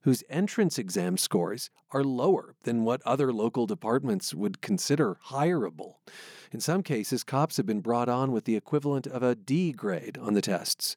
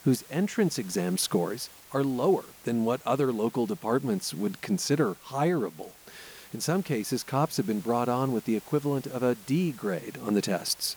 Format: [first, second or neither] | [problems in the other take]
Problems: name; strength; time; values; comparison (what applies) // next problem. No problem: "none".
first | hiss; noticeable; throughout; 20 dB below the speech